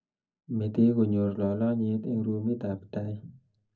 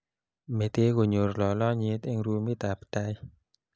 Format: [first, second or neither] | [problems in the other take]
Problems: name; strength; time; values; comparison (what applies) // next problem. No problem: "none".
second | room echo; dies away in 0.4 s